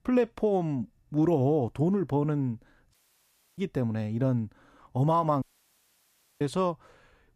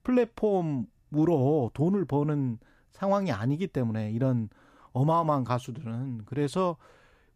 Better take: second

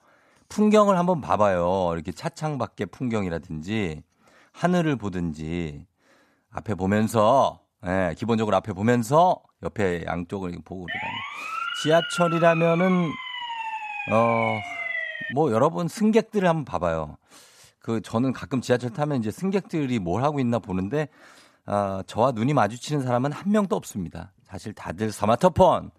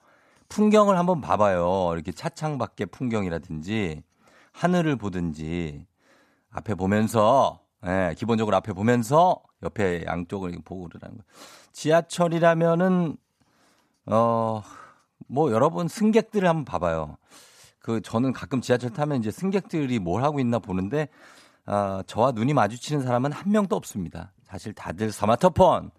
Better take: second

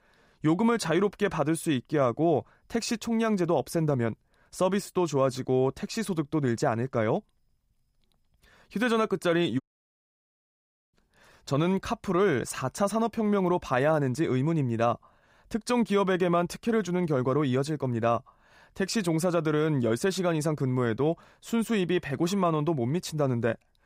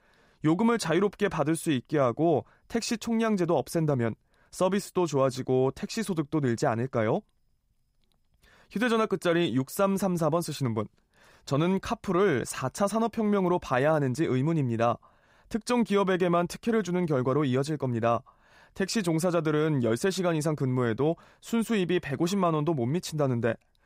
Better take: second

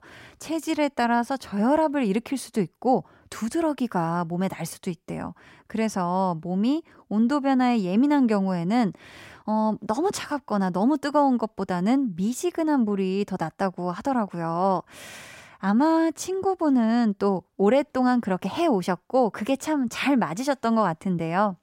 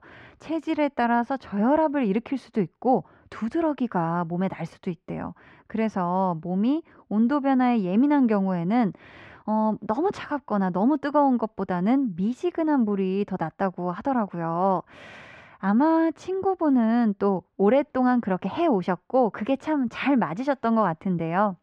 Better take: first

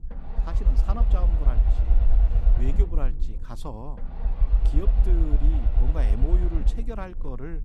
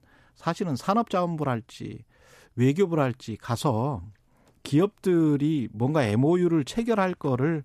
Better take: second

